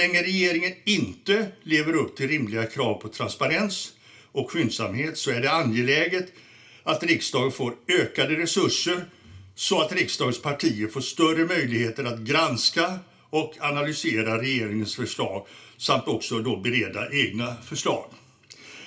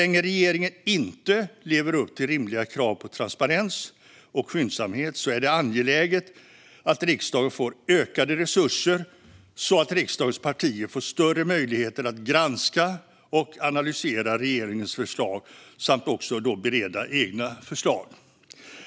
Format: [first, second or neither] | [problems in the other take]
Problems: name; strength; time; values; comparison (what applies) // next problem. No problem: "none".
second | room echo; dies away in 0.2 s